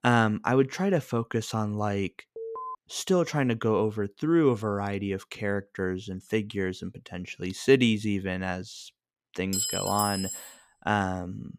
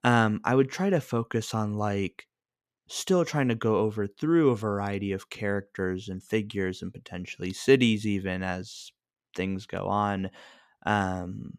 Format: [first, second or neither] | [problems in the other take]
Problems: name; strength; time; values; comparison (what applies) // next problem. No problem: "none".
second | alarm; noticeable; at 2.5 s; peak 9 dB below the speech // clattering dishes; noticeable; at 9.5 s; peak level with the speech